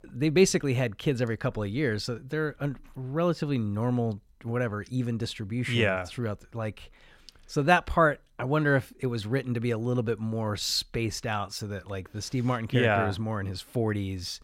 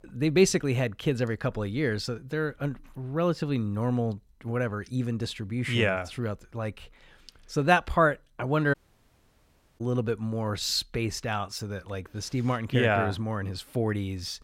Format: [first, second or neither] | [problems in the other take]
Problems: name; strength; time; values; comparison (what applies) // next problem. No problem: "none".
first | audio cutting out; at 8.5 s for 1 s